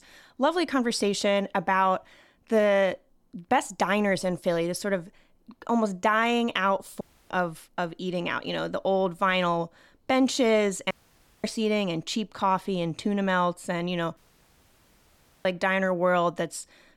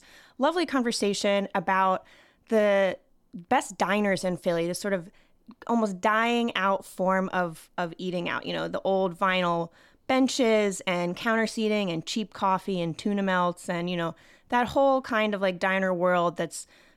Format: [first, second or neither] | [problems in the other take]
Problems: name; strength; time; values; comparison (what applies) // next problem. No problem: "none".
second | audio cutting out; at 7 s, at 11 s for 0.5 s and at 14 s for 1.5 s